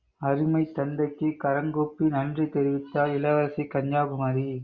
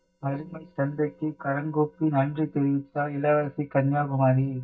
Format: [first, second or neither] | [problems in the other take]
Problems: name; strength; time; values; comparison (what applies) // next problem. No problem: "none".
first | noise reduction (neural mask model DeepFilterNet 3)